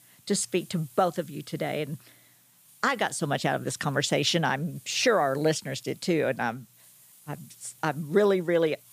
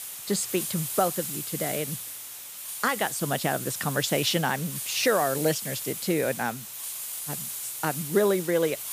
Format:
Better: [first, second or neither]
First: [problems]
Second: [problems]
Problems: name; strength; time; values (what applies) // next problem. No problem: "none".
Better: first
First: hiss; faint; throughout; 25 dB below the speech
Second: hiss; loud; throughout; 5 dB below the speech